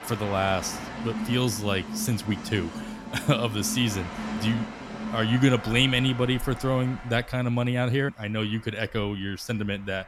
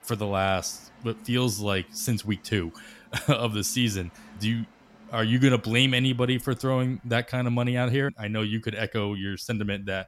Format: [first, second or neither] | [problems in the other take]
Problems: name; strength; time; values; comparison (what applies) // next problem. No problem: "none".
second | train or aircraft noise; loud; throughout; 9 dB below the speech; faint in the second